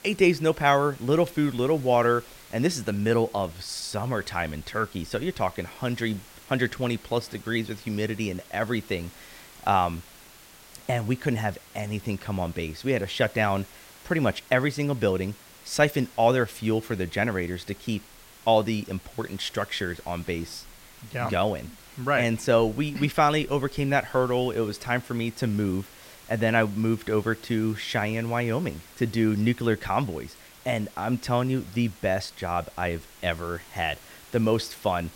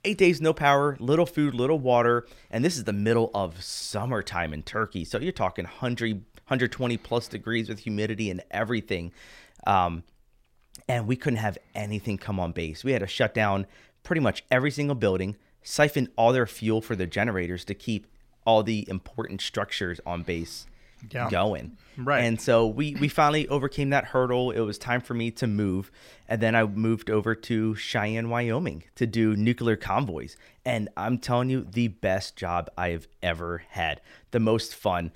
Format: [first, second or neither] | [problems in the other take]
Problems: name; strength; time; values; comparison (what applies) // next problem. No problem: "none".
second | hiss; faint; throughout; 20 dB below the speech